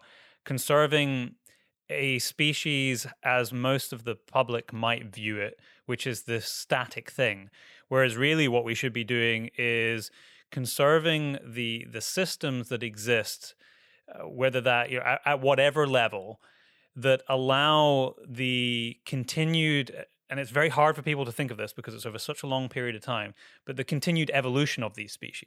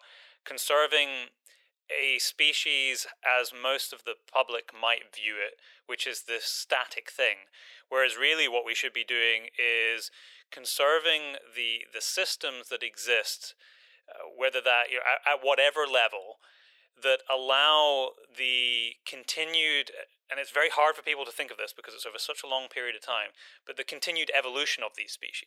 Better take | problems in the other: first | thin; very; fading below 450 Hz

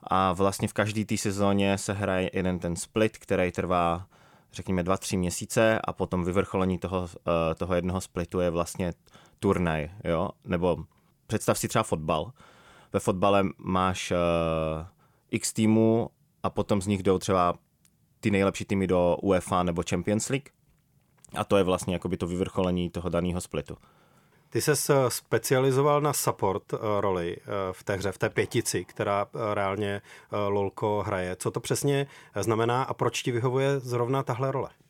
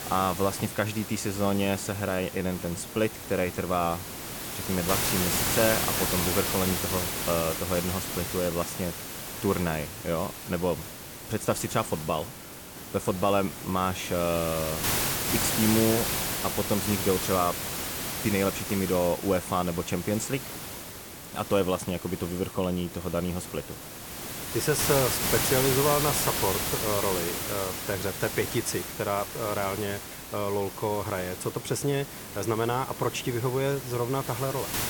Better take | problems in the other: first | hiss; loud; throughout; 2 dB below the speech

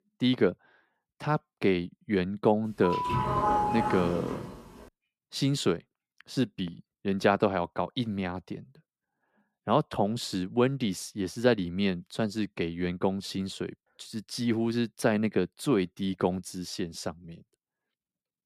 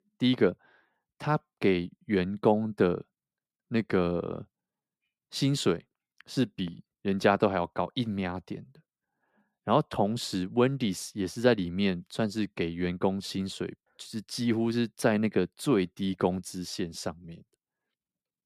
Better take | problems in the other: second | doorbell; loud; from 3 to 4.5 s; peak 4 dB above the speech

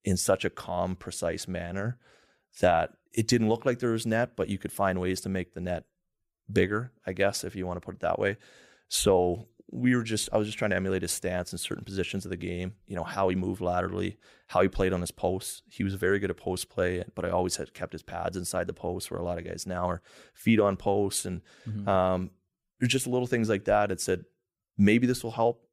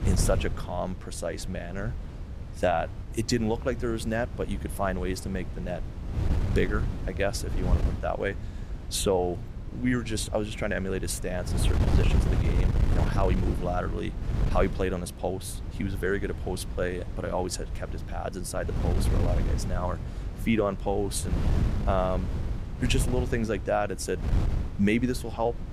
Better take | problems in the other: first | wind noise on the microphone; occasional gusts; 10 dB below the speech

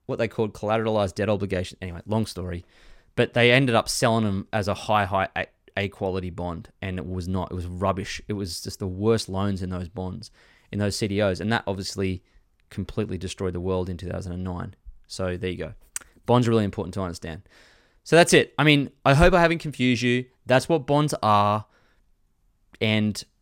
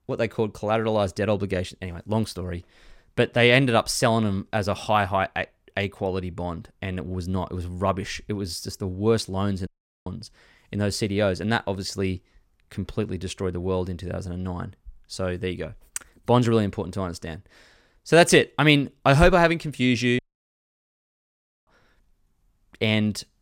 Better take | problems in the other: first | audio cutting out; at 9.5 s and at 20 s for 1.5 s

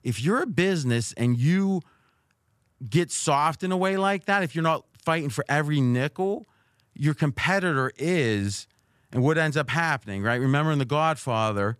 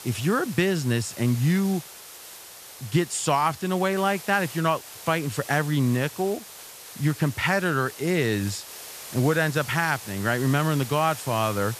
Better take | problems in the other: first | hiss; noticeable; throughout; 15 dB below the speech

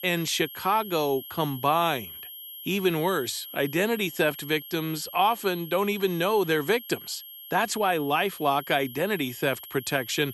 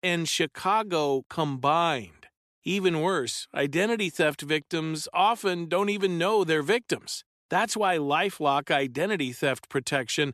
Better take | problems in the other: second | high-pitched whine; noticeable; throughout; 11.5 kHz, 15 dB below the speech

